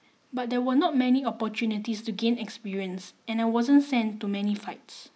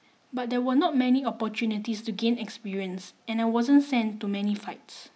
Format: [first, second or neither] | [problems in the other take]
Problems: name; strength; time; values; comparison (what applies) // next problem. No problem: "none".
second | noise reduction (neural mask model Resemble Enhance denoiser)